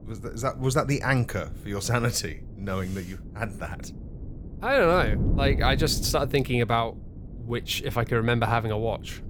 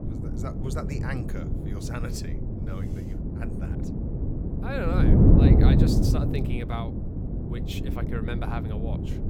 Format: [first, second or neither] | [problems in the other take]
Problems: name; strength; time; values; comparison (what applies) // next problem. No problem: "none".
first | wind noise on the microphone; heavy; 3 dB above the speech; occasional gusts in the first